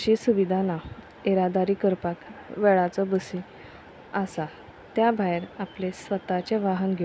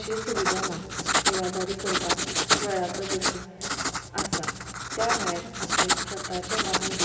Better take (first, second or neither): first